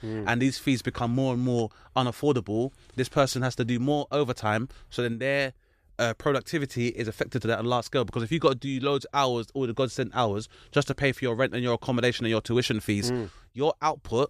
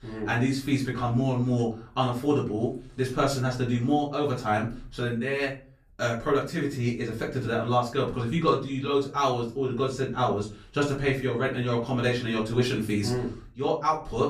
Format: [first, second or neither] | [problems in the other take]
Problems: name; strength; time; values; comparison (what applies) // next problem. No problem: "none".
first | off-mic speech; far // room echo; slight; dies away in 0.3 s